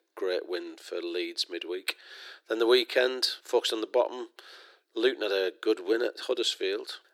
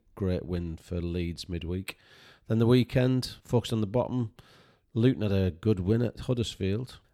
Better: second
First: thin; very; fading below 350 Hz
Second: none

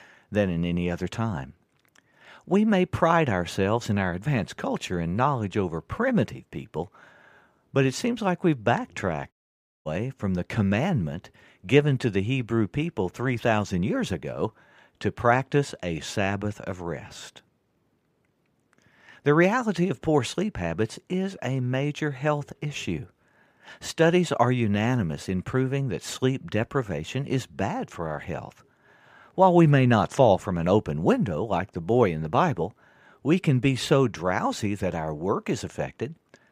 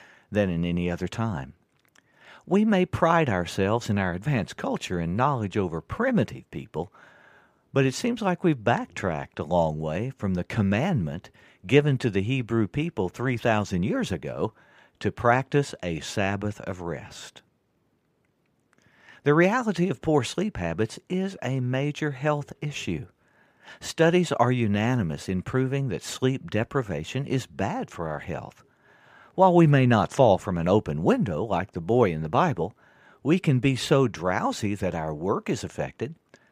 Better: second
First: audio cutting out; at 9.5 s for 0.5 s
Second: none

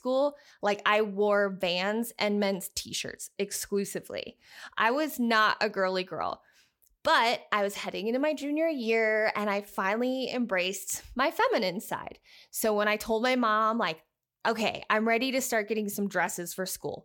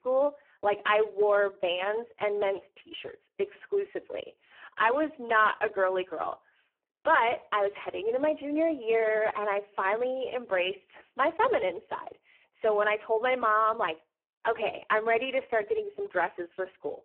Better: first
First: none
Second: phone-call audio; poor line

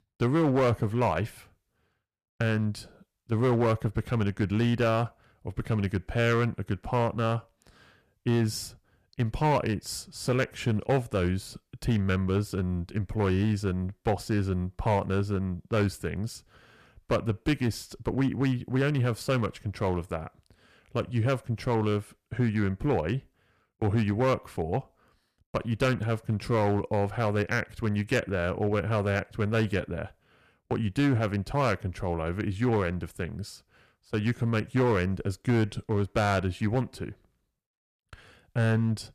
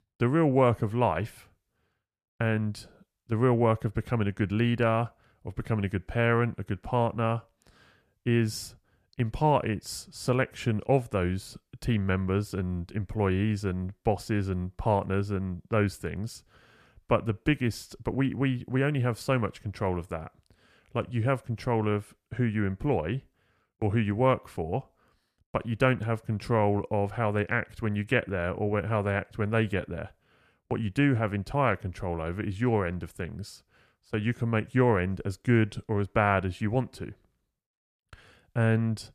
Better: second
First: distortion; slight; 4% of the sound clipped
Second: none

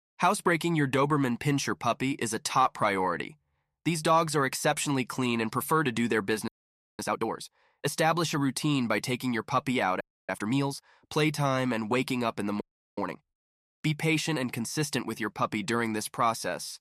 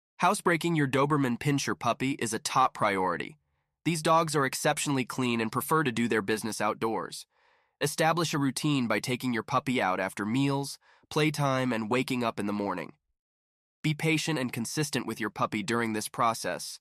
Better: second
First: audio freezing; at 6.5 s for 0.5 s, at 10 s and at 13 s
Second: none

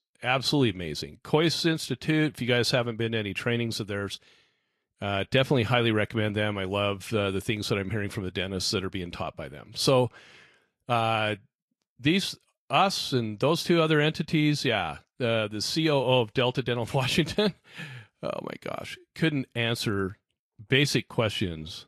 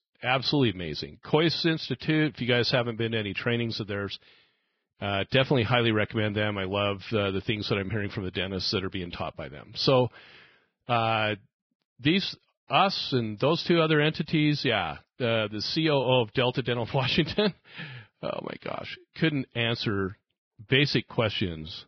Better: first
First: garbled, watery; slightly; nothing above 13.5 kHz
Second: garbled, watery; badly; nothing above 5 kHz

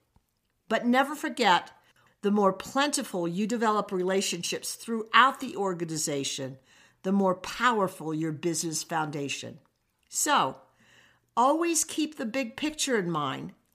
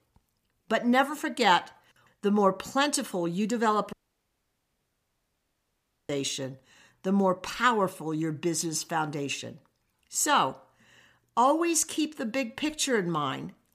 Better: first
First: none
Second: audio cutting out; at 4 s for 2 s

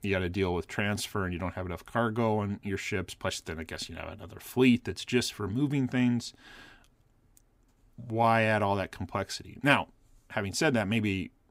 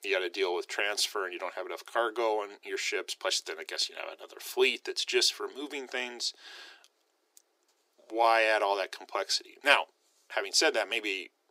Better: first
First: none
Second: thin; very; fading below 350 Hz

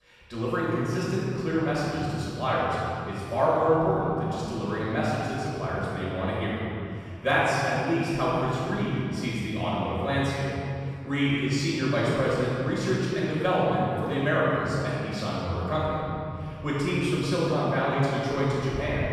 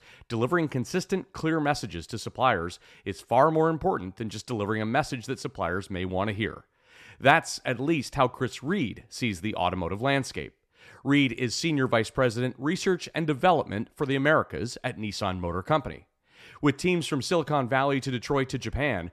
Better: second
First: off-mic speech; far // room echo; strong; dies away in 3 s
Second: none

